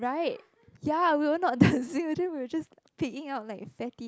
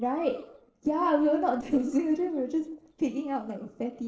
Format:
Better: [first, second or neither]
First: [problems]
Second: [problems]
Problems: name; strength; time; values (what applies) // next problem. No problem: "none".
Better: first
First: none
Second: noise reduction (neural separator model SepFormer DNS4)